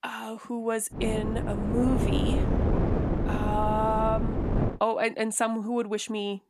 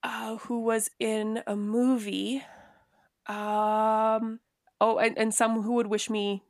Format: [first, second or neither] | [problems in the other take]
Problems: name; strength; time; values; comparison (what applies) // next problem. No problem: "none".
second | wind noise on the microphone; heavy; from 1 to 4.5 s; 5 dB below the speech